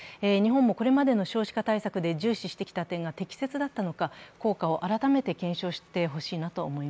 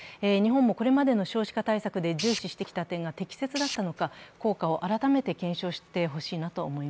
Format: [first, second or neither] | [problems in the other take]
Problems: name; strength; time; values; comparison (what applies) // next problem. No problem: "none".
first | background sound (Tools); 10 dB below the speech